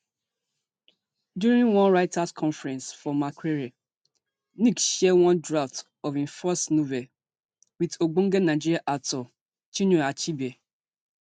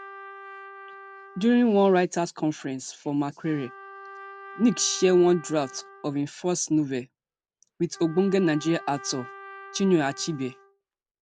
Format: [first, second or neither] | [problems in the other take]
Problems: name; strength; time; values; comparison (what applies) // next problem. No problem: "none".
first | background sound (Trumpet); 19 dB below the speech